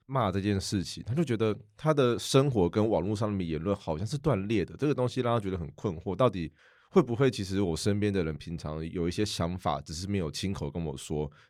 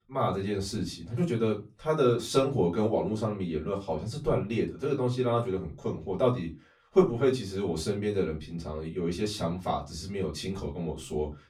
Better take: first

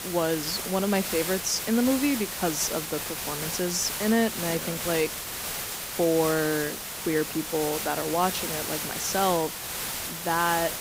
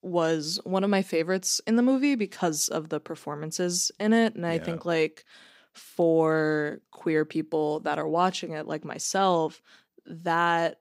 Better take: second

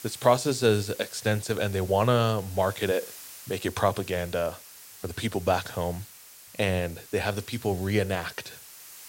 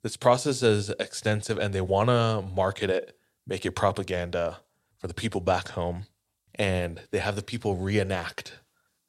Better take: second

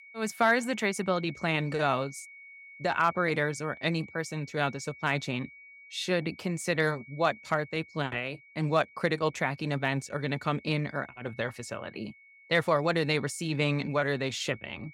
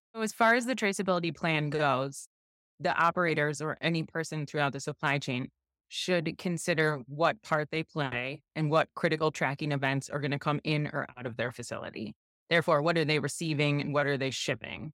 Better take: second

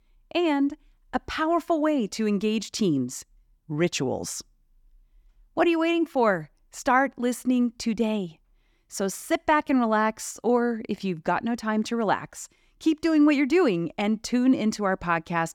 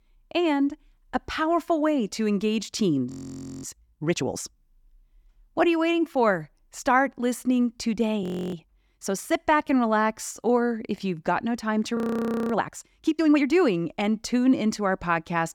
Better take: first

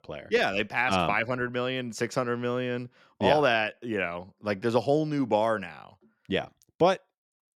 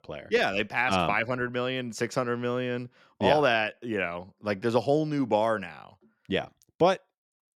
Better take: neither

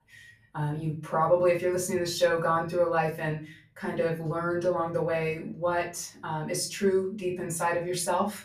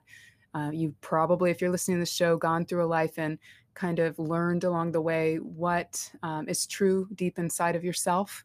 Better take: second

